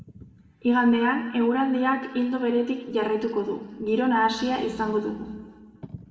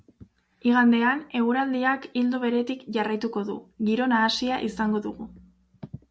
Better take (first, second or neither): second